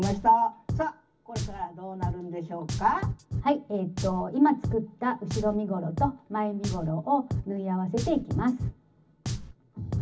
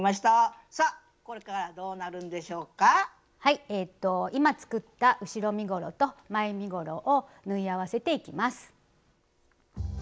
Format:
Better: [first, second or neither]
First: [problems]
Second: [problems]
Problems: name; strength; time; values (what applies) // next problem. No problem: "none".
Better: second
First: background sound (Drum); 6 dB below the speech // room echo; dies away in 0.4 s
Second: none